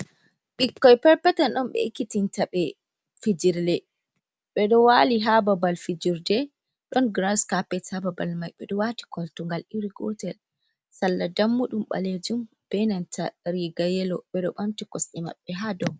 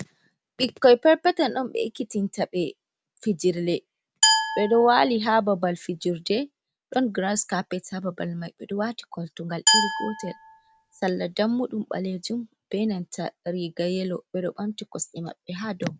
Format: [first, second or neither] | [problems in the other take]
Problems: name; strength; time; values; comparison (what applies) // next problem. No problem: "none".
first | background sound (Glass); 1 dB below the speech